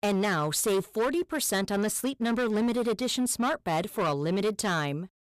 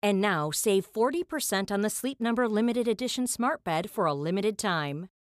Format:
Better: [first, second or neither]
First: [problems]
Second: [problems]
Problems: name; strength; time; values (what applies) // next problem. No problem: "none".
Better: second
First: distortion; slight; 15% of the sound clipped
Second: none